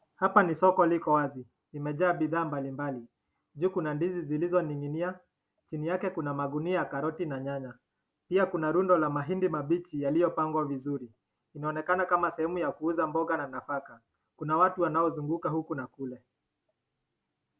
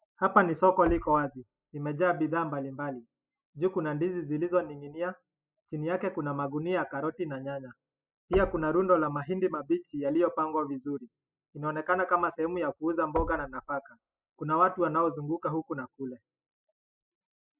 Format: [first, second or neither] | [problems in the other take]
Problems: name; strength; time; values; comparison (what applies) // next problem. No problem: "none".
first | noise reduction (classical method spectral subtraction)